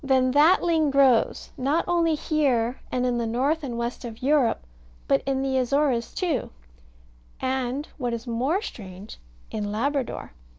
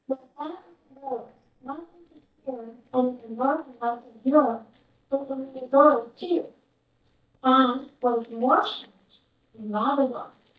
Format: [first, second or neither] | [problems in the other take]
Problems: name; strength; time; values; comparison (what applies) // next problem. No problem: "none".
first | noise reduction (neural mask model DeepFilterNet 3)